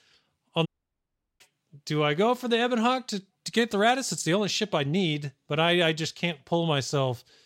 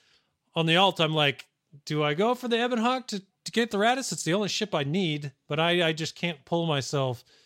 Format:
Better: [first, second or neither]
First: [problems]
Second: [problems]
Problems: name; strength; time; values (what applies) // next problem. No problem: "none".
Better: second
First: audio cutting out; at 0.5 s for 0.5 s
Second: none